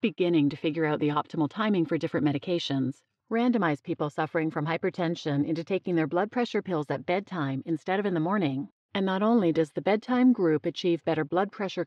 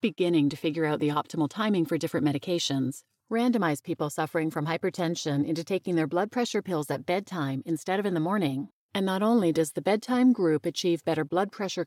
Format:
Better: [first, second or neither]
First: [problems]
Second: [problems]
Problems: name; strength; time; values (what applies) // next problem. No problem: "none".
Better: second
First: muffled; slightly; fading above 3 kHz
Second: none